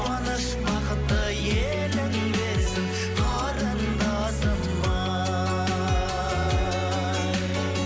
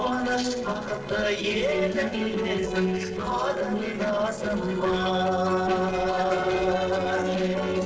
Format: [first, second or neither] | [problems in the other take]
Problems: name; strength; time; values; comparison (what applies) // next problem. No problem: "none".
first | noise reduction (neural separator model SepFormer DNS4)